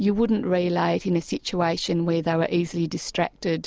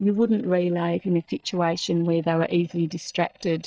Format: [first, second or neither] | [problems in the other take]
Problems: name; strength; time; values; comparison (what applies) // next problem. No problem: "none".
first | noise reduction (neural mask model DeepFilterNet 3)